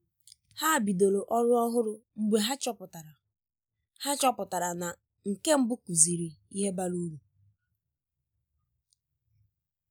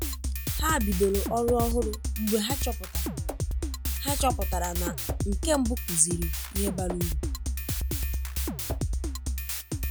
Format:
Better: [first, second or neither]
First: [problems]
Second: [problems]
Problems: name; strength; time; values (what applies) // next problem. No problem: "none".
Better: first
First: none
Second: background sound (Drum kit); 1 dB above the speech